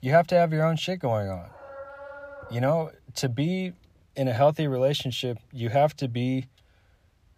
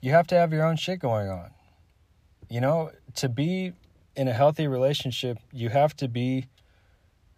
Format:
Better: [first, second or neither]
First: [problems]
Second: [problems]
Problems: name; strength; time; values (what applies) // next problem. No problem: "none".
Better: second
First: dog barking; faint; from 1.5 to 2.5 s; peak 15 dB below the speech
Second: none